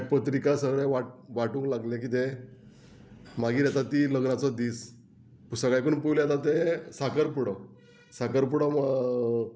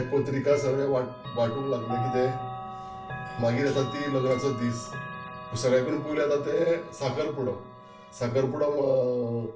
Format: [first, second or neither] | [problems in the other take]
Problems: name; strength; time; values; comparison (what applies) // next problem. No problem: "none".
first | background sound (Chime / Clock); 11 dB below the speech // room echo; dies away in 0.3 s